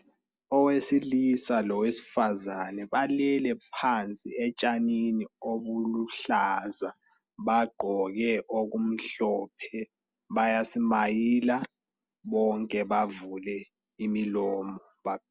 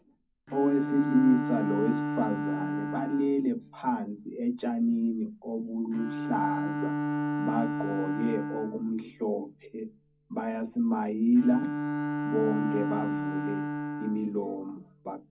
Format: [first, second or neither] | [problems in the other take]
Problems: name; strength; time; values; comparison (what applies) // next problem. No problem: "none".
first | background sound (Bowed string instrument); 4 dB below the speech // room echo; dies away in 0.4 s